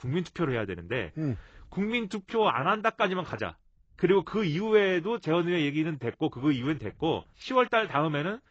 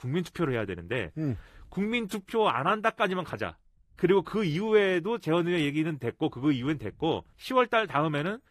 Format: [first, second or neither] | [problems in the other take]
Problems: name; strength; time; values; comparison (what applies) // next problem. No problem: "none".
second | garbled, watery; badly; nothing above 7.5 kHz; slightly in the second